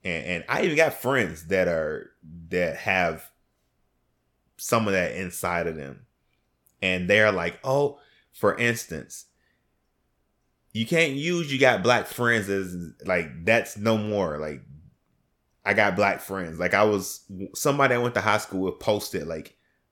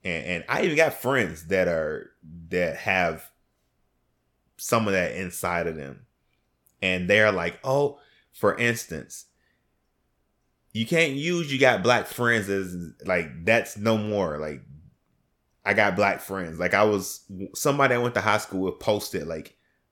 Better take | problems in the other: neither | none

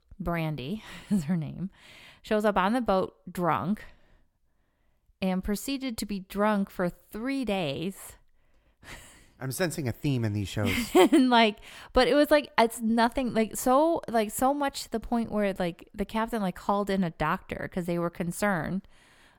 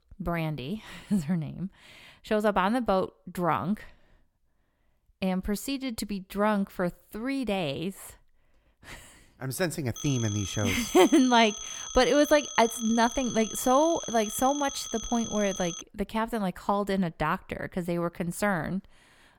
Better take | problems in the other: first | phone ringing; noticeable; from 10 to 16 s; peak 8 dB below the speech

